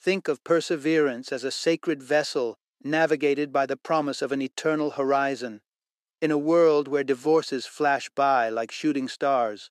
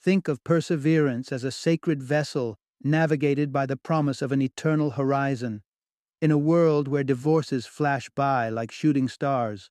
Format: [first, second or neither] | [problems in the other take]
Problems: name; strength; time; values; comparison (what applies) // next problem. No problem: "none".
second | thin; somewhat; fading below 450 Hz